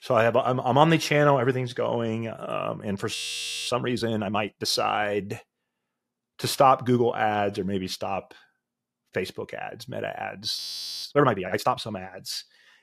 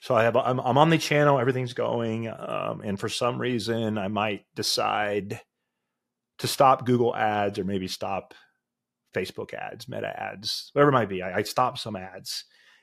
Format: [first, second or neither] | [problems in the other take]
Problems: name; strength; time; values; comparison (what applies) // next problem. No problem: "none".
second | audio freezing; at 3 s for 0.5 s and at 11 s